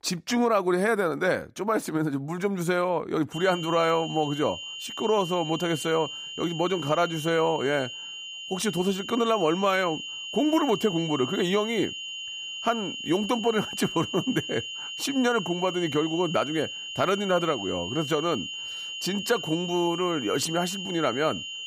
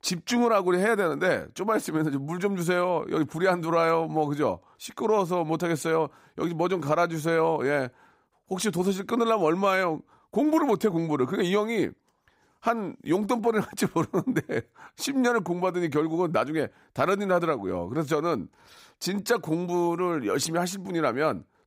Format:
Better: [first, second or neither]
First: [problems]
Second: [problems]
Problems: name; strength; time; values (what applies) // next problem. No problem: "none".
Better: second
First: high-pitched whine; loud; from 3.5 s on; 3 kHz, 7 dB below the speech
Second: none